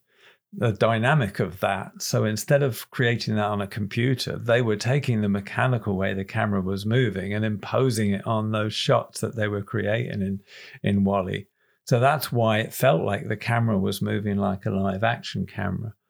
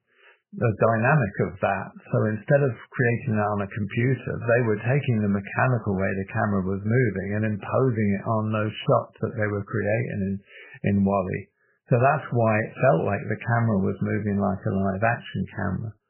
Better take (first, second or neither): first